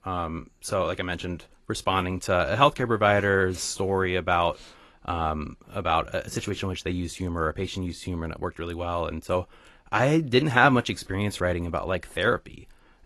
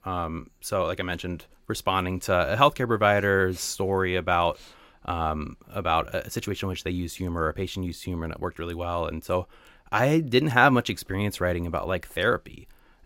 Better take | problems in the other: second | garbled, watery; slightly; nothing above 11.5 kHz

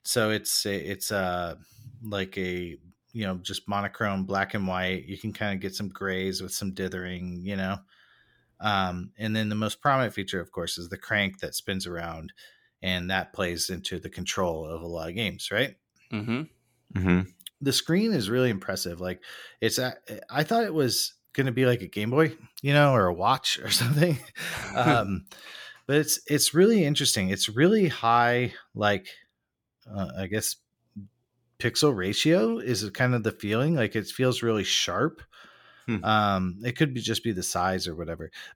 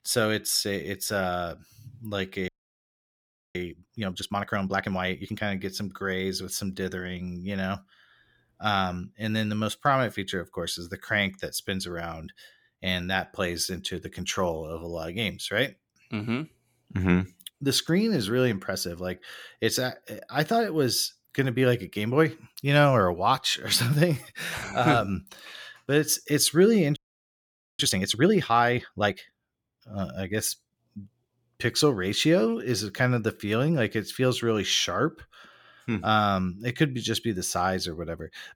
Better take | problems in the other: first | audio freezing; at 2.5 s for 1 s and at 27 s for 1 s

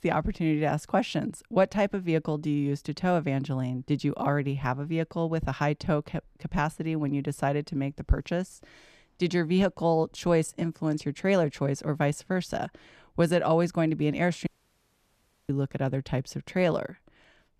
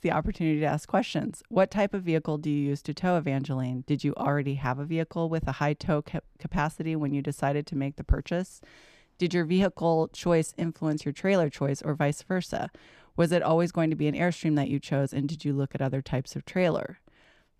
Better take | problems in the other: second | audio cutting out; at 14 s for 1 s

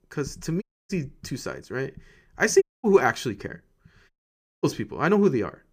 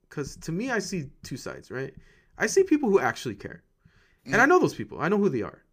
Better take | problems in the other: second | audio cutting out; at 0.5 s, at 2.5 s and at 4 s for 0.5 s

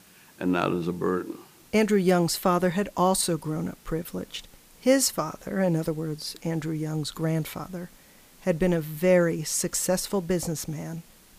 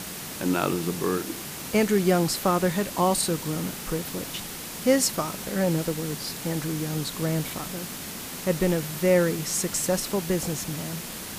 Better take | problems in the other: first | hiss; loud; throughout; 8 dB below the speech; faint in the first

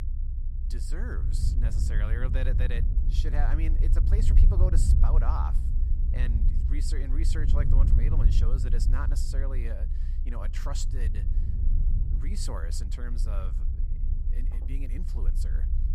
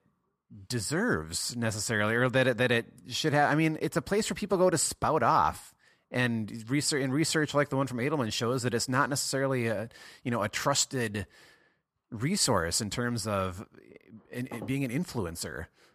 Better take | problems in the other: second | low rumble; loud; throughout; 5 dB below the speech

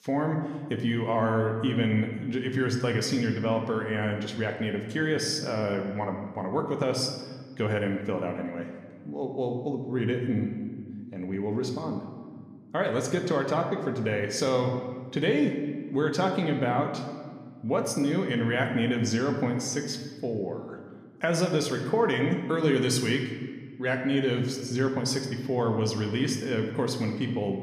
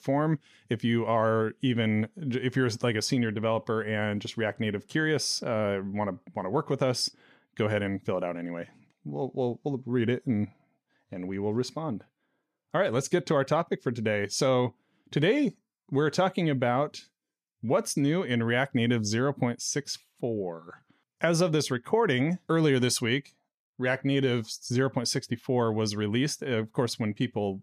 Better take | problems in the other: second | room echo; slight; dies away in 1.3 s

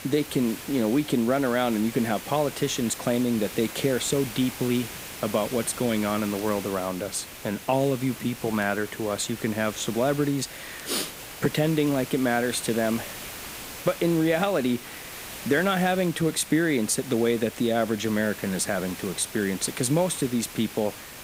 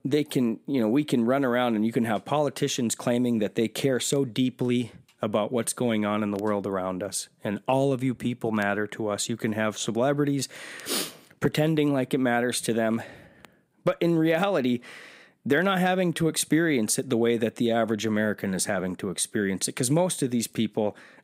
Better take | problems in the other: second | hiss; noticeable; throughout; 10 dB below the speech

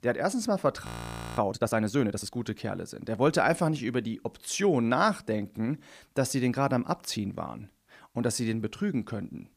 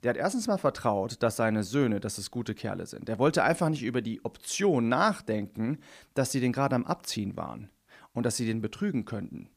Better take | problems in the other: second | audio freezing; at 1 s for 0.5 s

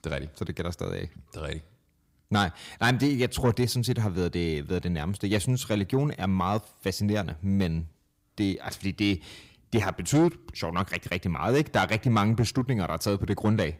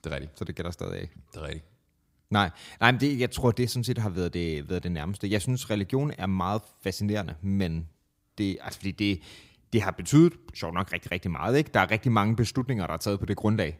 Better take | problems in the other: second | distortion; slight; 10 dB below the speech

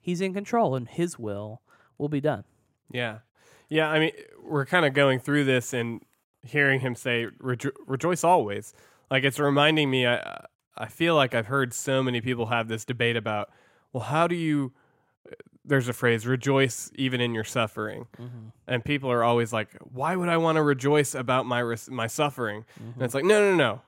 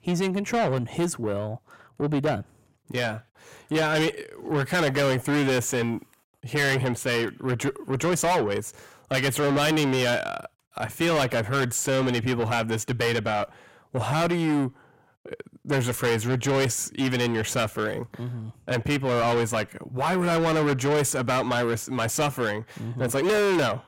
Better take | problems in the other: first | distortion; heavy; 6 dB below the speech

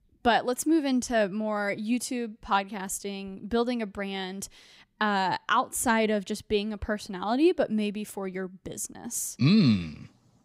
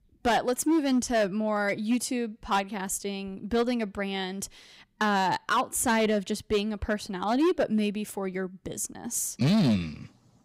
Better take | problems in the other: first | distortion; slight; 7% of the sound clipped

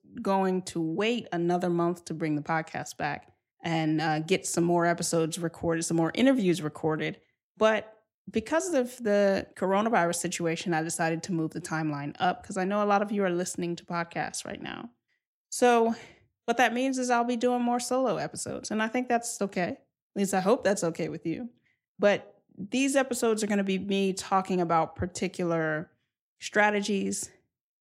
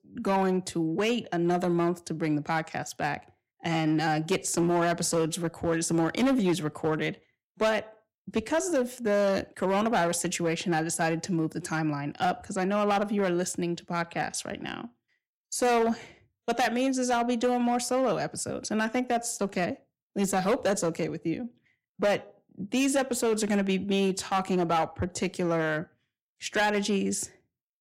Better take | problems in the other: first | distortion; slight; 6% of the sound clipped

